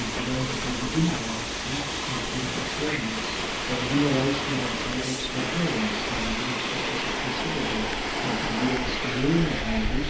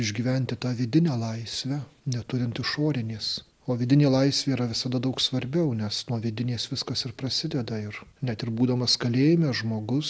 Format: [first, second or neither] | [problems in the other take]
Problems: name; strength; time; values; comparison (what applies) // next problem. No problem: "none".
second | background sound (Subway, metro, underground); 1 dB above the speech // room echo; dies away in 0.7 s